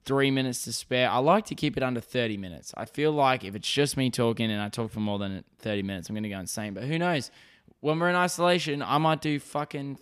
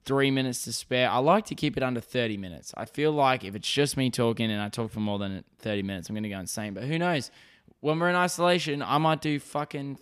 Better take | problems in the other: neither | none

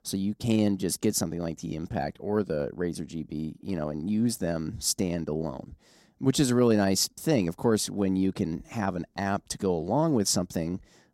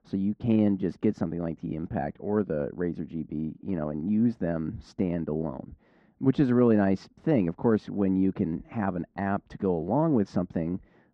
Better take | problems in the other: first | muffled; very; fading above 2 kHz

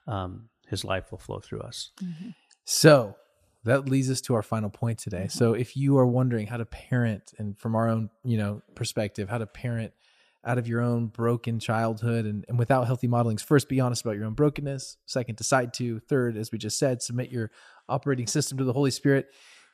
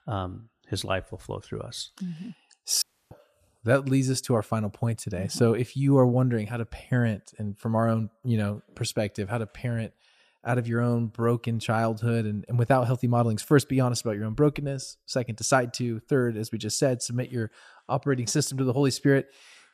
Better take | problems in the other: first | audio cutting out; at 3 s

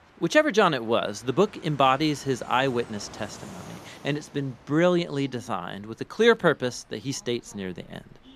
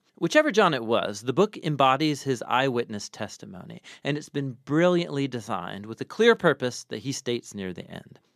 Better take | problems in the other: second | train or aircraft noise; faint; throughout; 25 dB below the speech

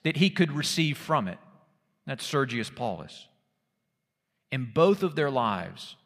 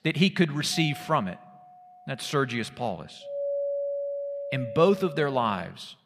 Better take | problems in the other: first | doorbell; noticeable; from 0.5 to 5.5 s; peak 3 dB below the speech

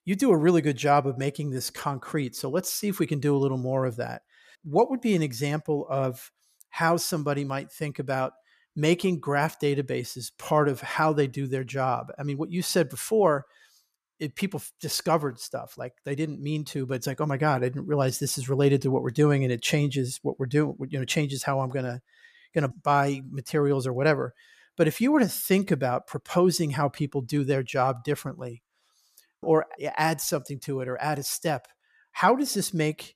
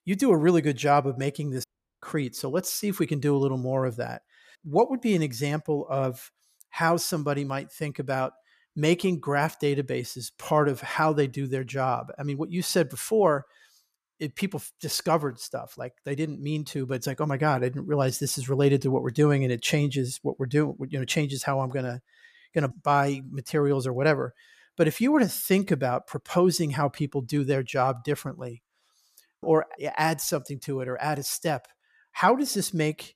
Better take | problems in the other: first | audio cutting out; at 1.5 s

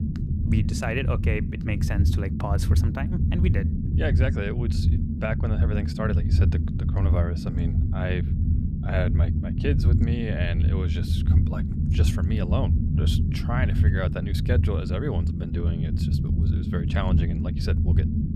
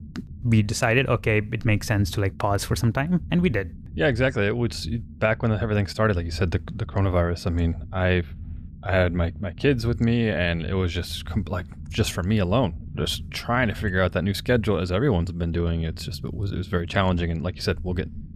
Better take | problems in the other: second | low rumble; loud; throughout; 3 dB below the speech; faint in the second

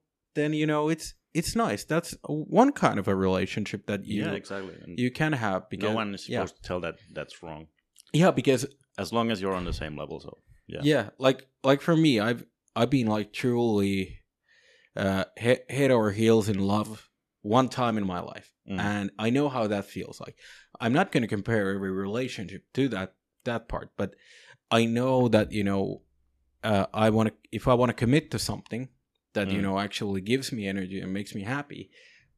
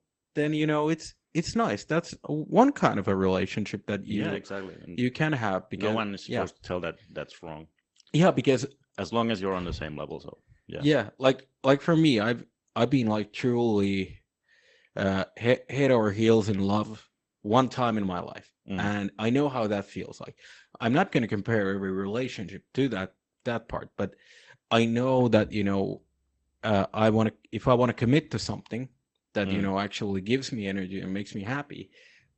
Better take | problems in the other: first | garbled, watery; slightly; nothing above 8 kHz

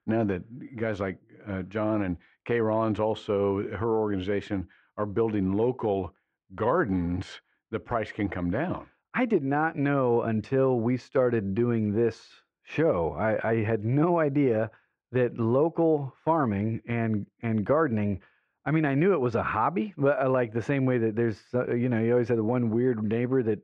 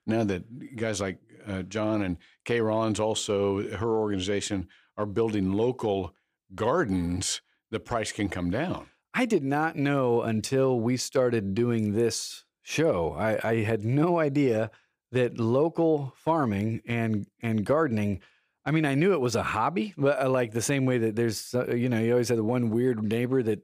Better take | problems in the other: second | muffled; very; fading above 1.5 kHz

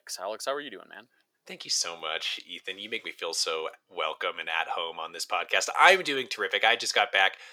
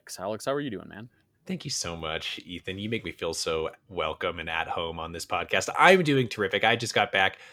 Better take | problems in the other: second | thin; very; fading below 550 Hz

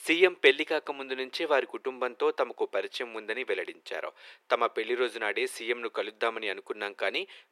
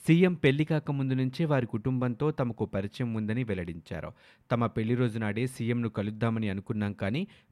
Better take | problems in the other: second | thin; very; fading below 400 Hz

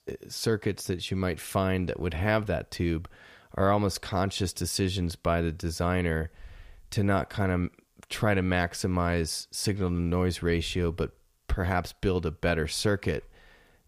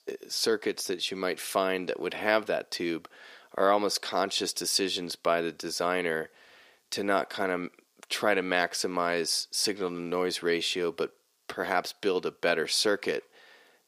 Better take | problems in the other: first | thin; somewhat; fading below 300 Hz

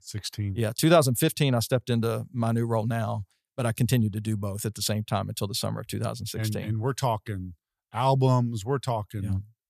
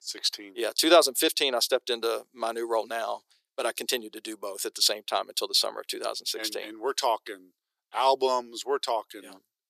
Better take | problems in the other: first | thin; very; fading below 350 Hz

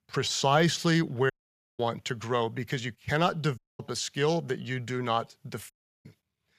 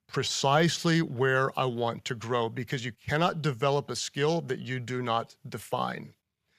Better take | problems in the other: second | audio cutting out; at 1.5 s, at 3.5 s and at 5.5 s

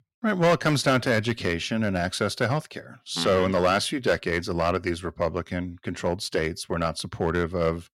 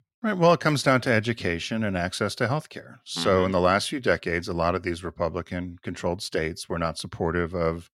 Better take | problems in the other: second | distortion; slight; 3% of the sound clipped

